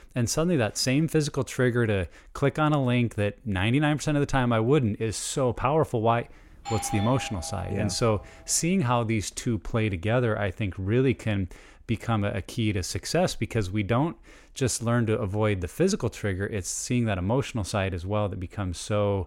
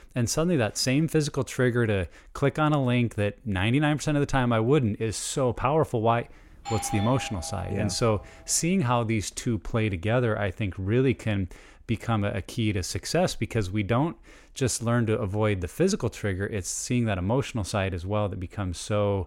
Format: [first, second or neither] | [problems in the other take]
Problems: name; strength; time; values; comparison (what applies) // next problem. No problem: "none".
neither | doorbell; noticeable; from 6.5 to 8.5 s; peak 8 dB below the speech; the same in both